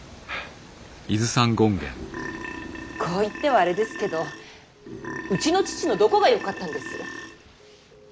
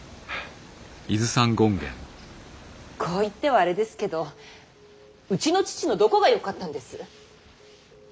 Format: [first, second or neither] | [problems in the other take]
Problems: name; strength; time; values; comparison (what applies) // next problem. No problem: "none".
second | background sound (Burping, eructation); 11 dB below the speech